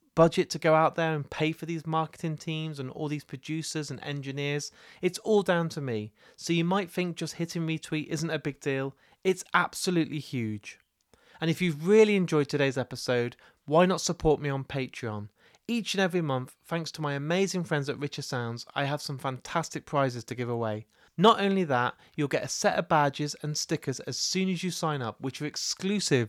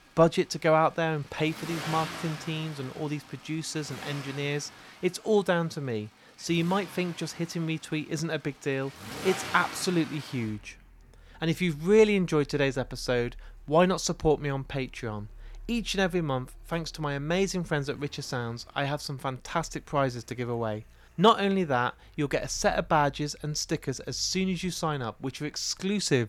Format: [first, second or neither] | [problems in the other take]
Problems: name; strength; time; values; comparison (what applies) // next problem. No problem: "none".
first | traffic noise; noticeable; throughout; 15 dB below the speech